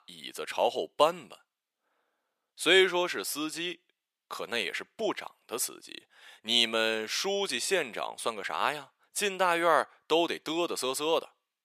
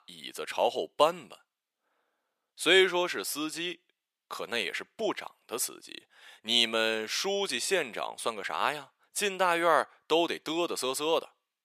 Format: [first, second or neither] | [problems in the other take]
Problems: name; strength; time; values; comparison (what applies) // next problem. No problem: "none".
neither | thin; very; fading below 650 Hz; the same in both